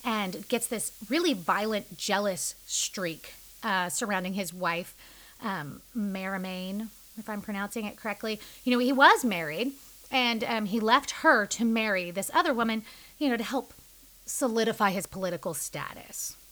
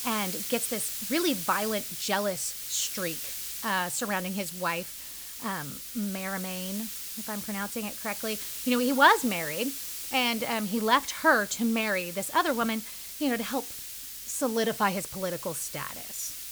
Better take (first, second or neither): first